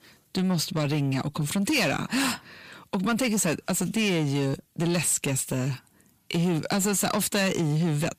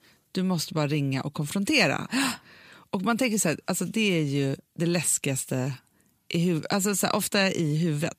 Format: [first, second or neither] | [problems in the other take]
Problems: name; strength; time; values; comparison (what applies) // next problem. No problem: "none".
second | distortion; slight; 10 dB below the speech